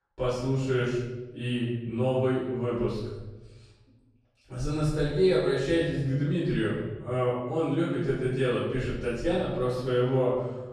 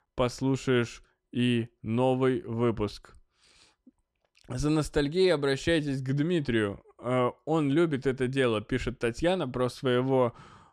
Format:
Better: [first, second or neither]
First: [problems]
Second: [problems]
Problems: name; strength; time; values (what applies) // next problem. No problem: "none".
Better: second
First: room echo; noticeable; dies away in 1.2 s // off-mic speech; far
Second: none